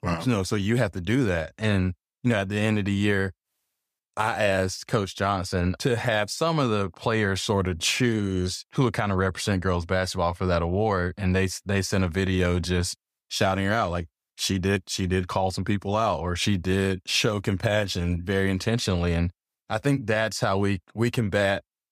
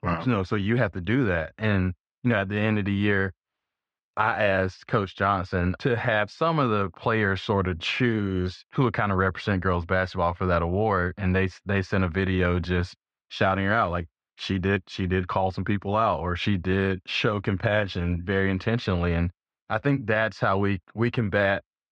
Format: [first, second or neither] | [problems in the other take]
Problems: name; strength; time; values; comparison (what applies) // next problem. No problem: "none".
first | muffled; slightly; fading above 3 kHz